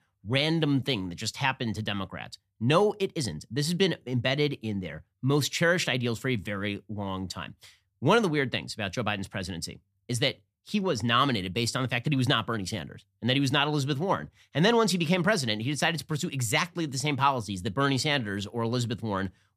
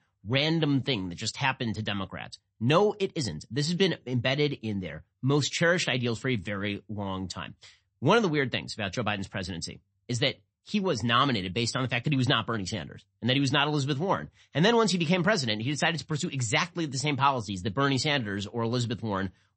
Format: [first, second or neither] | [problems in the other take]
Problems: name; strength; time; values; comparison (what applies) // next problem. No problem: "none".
first | garbled, watery; slightly; nothing above 8 kHz